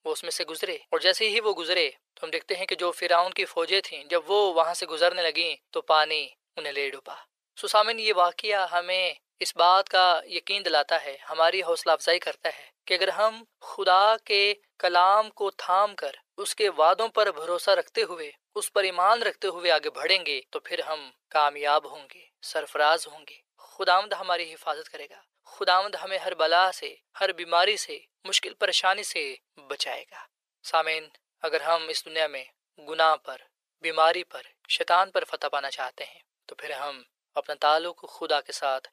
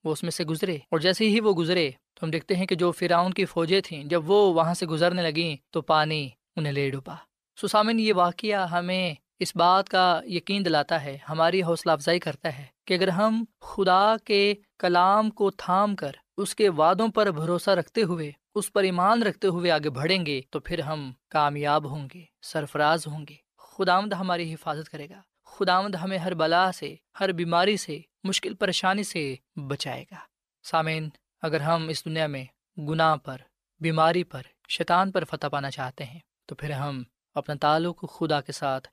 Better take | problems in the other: second | thin; very; fading below 500 Hz

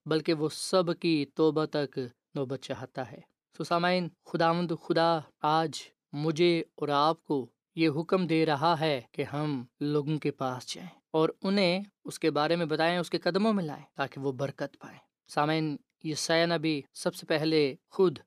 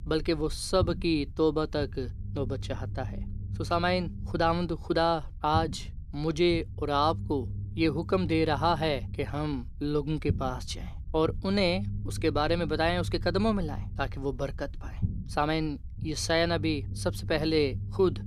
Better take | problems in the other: first | low rumble; faint; throughout; 20 dB below the speech

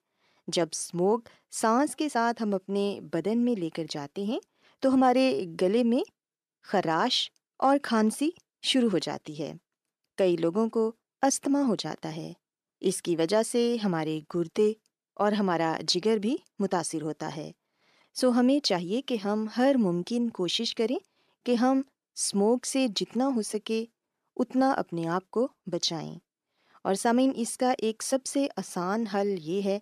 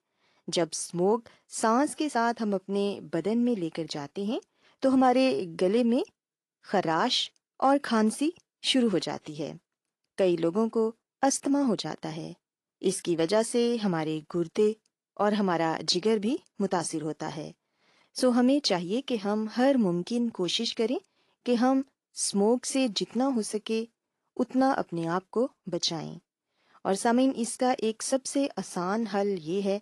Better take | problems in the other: first | garbled, watery; slightly

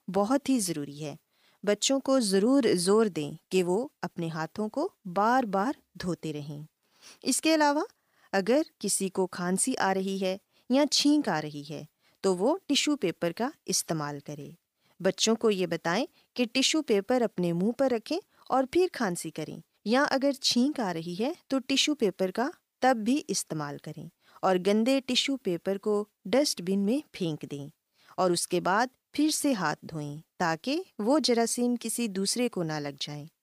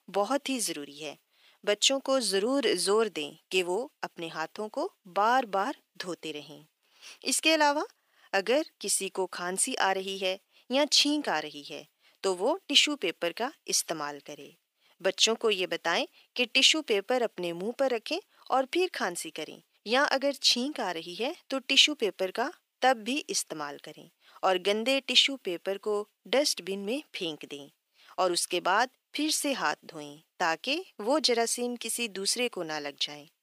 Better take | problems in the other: first | thin; somewhat; fading below 400 Hz

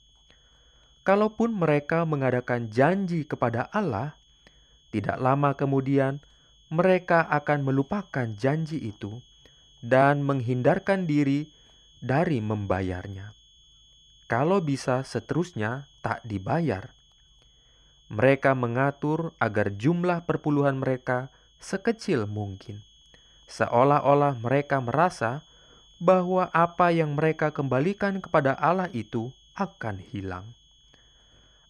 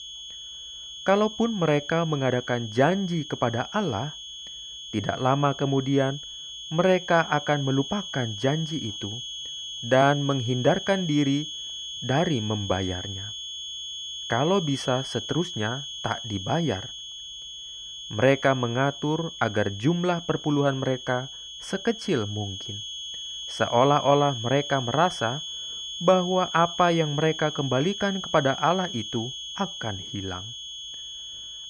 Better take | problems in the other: first | high-pitched whine; loud; throughout; 3.5 kHz, 9 dB below the speech; faint in the first

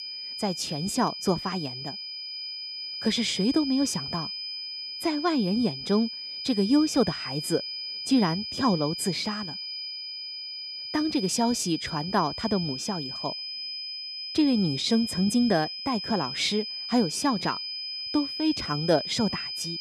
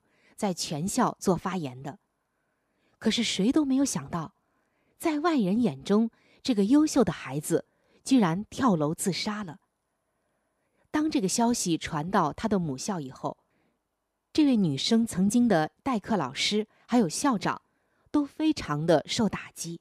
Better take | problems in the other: second | high-pitched whine; loud; throughout; 5 kHz, 6 dB below the speech

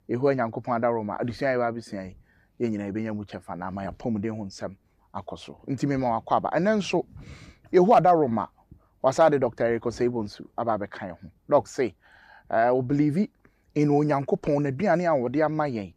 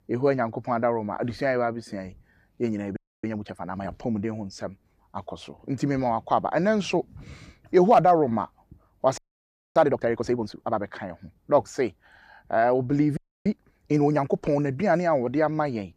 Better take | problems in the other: first | audio freezing; at 3 s, at 9 s for 0.5 s and at 13 s

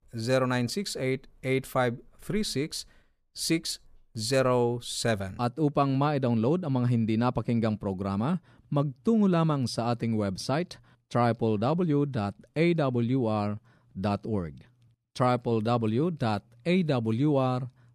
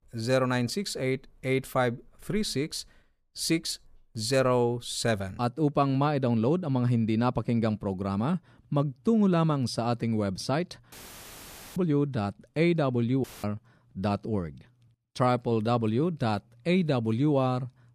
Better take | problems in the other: first | audio cutting out; filled with static; at 11 s for 1 s and at 13 s

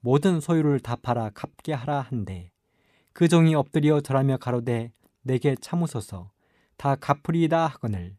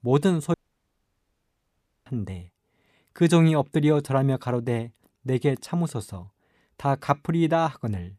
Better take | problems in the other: first | audio cutting out; at 0.5 s for 1.5 s

